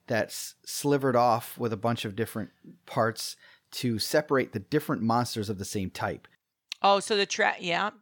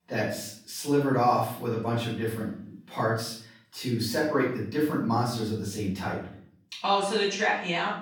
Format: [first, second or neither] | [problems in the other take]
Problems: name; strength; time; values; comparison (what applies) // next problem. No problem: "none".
first | off-mic speech; far // room echo; noticeable; dies away in 0.5 s